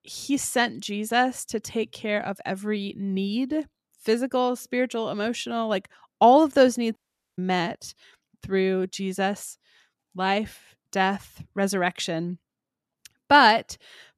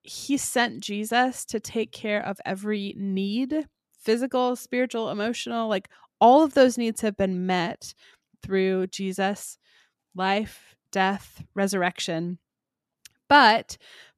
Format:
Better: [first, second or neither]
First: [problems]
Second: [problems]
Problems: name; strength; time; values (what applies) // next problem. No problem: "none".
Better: second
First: audio cutting out; at 7 s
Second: none